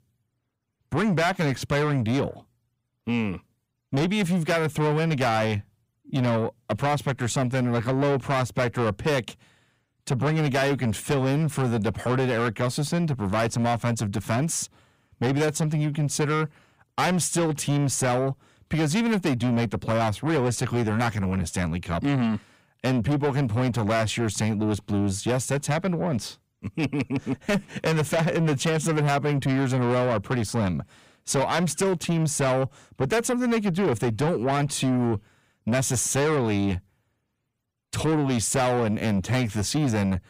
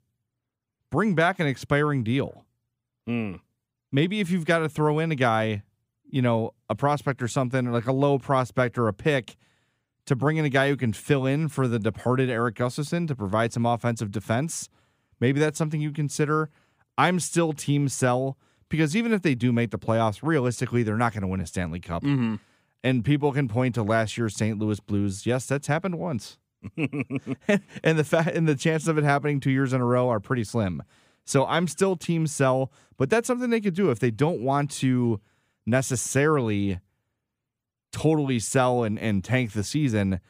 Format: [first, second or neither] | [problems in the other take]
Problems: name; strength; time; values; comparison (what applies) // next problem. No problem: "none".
second | distortion; heavy; 7 dB below the speech